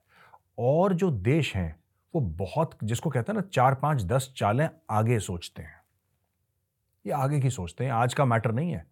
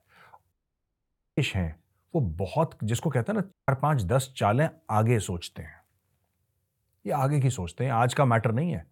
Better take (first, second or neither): first